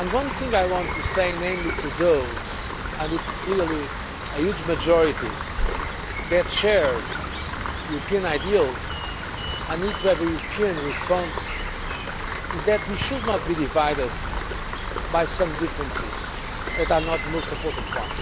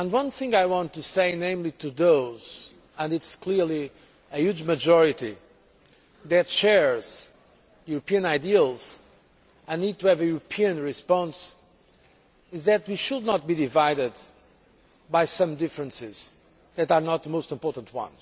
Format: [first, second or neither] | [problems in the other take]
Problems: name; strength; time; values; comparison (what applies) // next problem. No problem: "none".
second | background sound (Rain); 3 dB below the speech